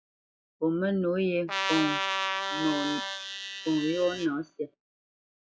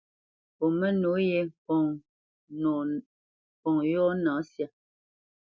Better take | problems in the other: second | noise reduction (classical method log-MMSE)

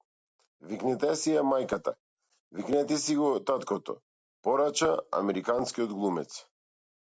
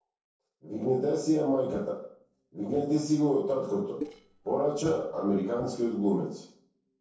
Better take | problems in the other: first | noise reduction (neural separator model SepFormer DNS4)

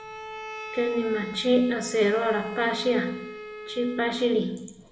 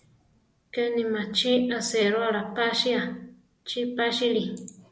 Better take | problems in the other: second | background sound (Bowed string instrument); 13 dB below the speech // room echo; dies away in 1.4 s

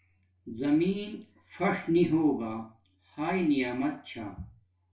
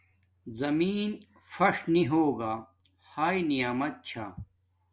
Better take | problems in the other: second | room echo; dies away in 0.3 s

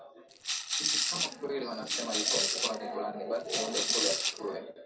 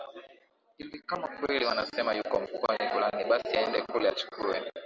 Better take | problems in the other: second | background sound (Rattle / Rattle (instrument)); 4 dB above the speech // room echo; dies away in 0.3 s

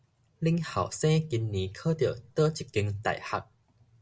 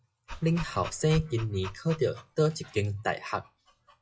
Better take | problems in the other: first | noise reduction (classical method log-MMSE)

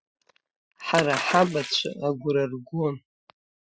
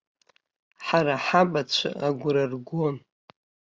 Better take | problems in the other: second | noise reduction (classical method Wiener filter)

